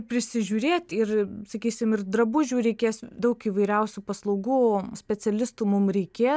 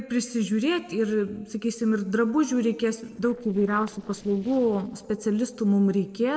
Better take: first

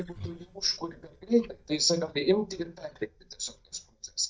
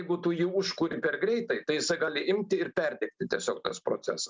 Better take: second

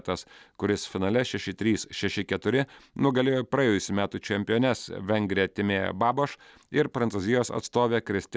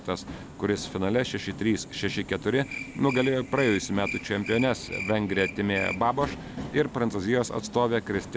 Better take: first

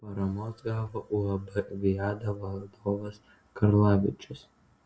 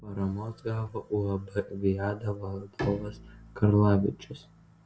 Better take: first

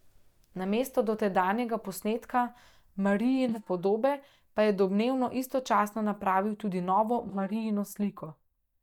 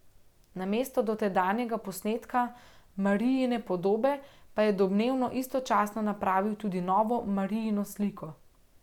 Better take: second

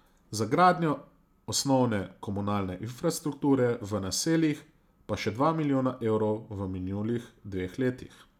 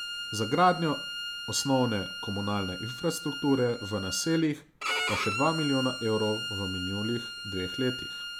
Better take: first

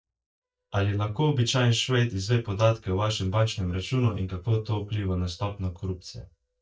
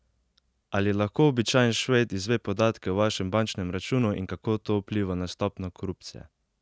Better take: second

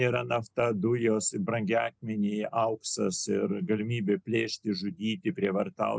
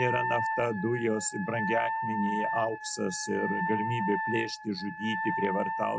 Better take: first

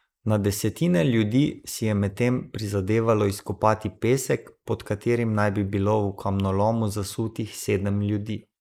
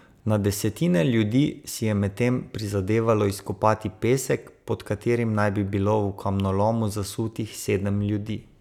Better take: second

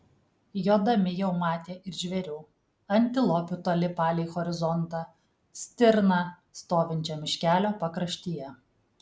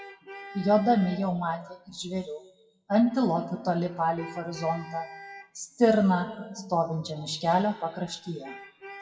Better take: first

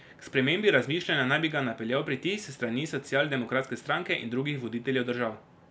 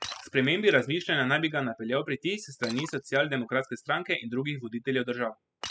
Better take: first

